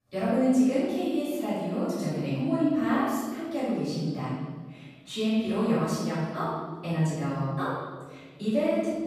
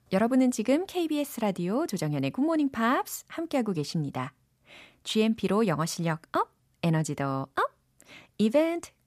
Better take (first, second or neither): second